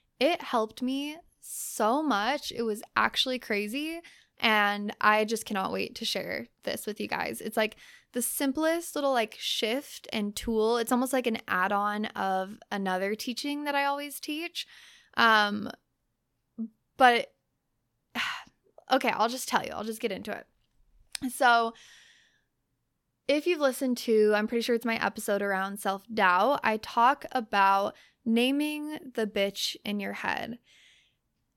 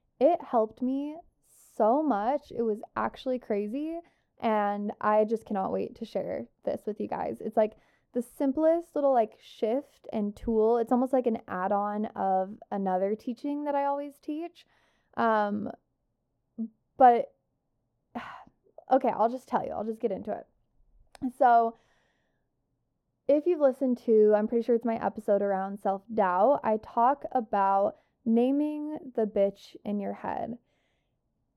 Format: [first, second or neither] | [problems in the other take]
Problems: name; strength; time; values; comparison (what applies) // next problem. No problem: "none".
first | muffled; very; fading above 1.5 kHz